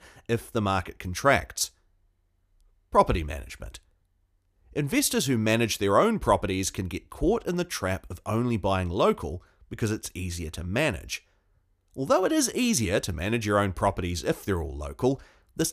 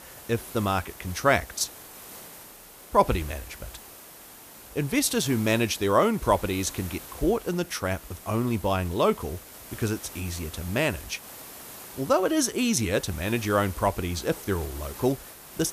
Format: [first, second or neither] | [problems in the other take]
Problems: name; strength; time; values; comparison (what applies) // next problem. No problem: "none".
first | hiss; noticeable; throughout; 15 dB below the speech